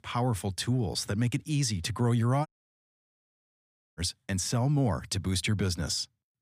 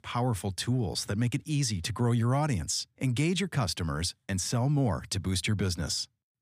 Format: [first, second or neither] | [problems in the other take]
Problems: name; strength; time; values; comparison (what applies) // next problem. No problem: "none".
second | audio cutting out; at 2.5 s for 1.5 s